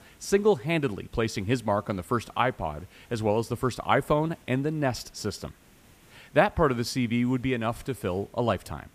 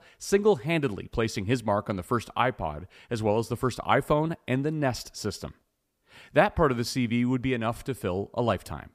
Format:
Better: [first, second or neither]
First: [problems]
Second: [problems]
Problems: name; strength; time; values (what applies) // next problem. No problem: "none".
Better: second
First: hiss; faint; throughout; 30 dB below the speech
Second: none